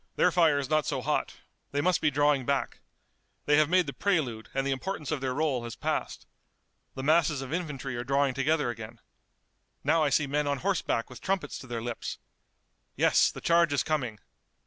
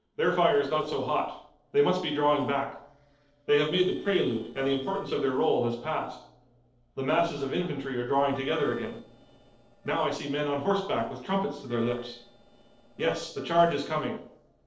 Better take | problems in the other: first | noise reduction (neural separator model SepFormer DNS4)

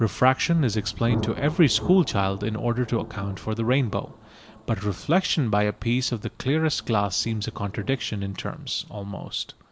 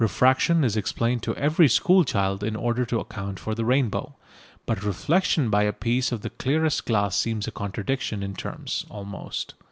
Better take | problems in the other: second | background sound (Thunder); 14 dB below the speech

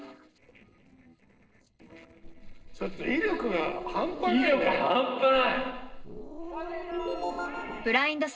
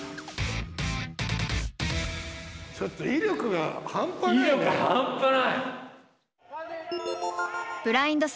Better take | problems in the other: second | noise reduction (neural separator model SepFormer DNS4)

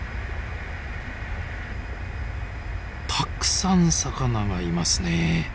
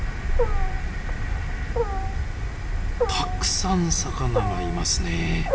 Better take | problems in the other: first | background sound (Wild animals); 2 dB above the speech // room echo; dies away in 2.8 s

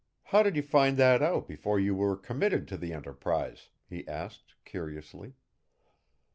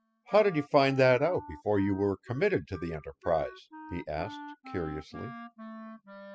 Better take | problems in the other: first | noise reduction (classical method spectral subtraction)

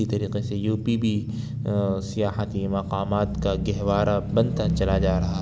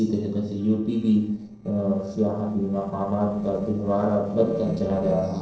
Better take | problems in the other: first | noise reduction (neural separator model SepFormer DNS4)

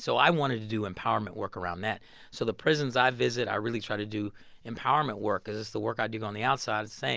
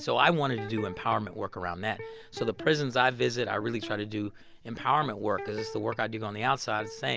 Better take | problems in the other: first | background sound (Electric guitar); 15 dB below the speech

